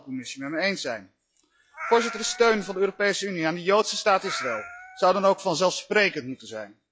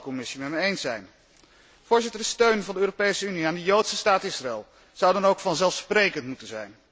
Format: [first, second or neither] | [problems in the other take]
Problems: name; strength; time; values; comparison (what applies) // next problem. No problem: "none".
second | noise reduction (classical method log-MMSE)